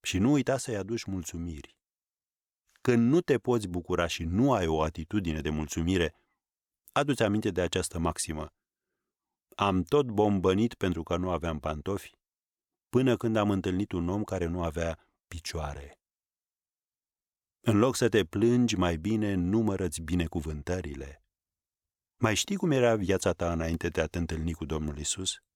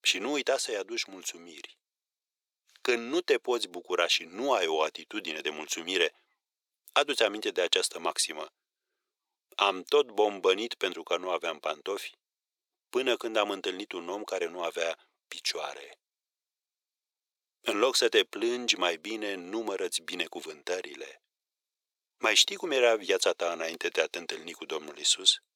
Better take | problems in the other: first | thin; very; fading below 400 Hz

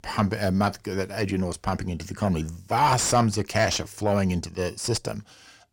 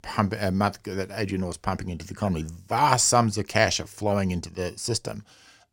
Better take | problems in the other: second | distortion; slight; 9 dB below the speech

